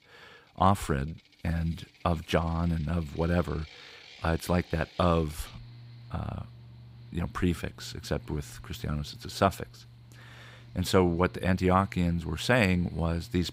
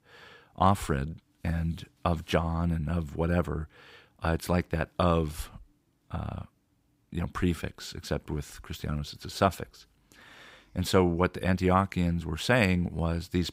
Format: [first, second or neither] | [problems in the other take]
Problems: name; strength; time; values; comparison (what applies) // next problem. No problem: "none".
second | machinery noise; faint; throughout; 20 dB below the speech